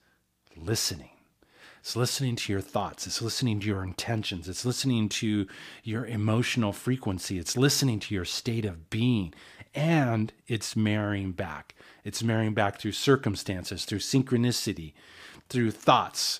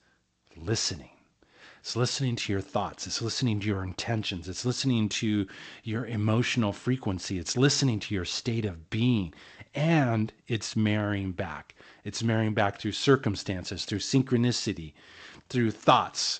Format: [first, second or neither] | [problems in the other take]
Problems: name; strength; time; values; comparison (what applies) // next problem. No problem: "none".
first | garbled, watery; slightly; nothing above 8 kHz